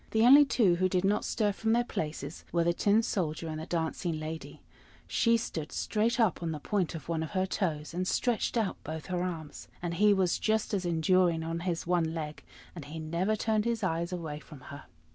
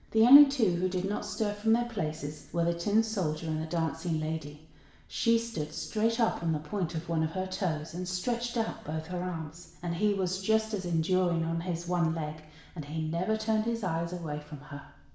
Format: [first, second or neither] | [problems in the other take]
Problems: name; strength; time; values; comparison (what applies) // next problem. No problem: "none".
first | room echo; dies away in 0.8 s